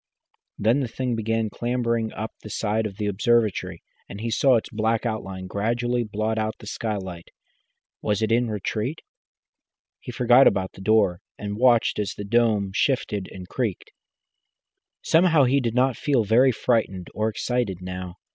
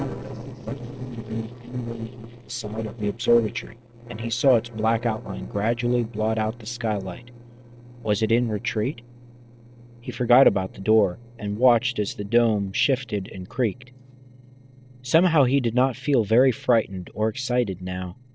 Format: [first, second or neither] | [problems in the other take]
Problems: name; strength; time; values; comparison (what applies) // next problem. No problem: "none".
first | noise reduction (neural separator model SepFormer DNS4)